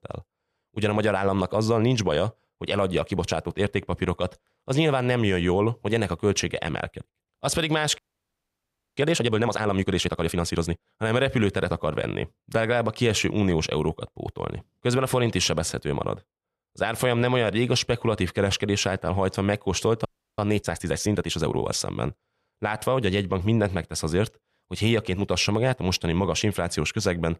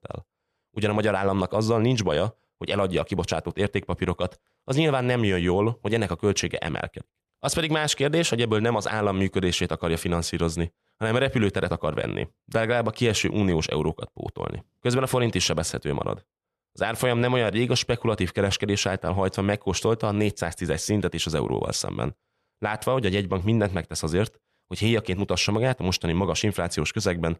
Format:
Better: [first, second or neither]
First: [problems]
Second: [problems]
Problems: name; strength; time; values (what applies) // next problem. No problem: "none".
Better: second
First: audio freezing; at 8 s for 1 s and at 20 s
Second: none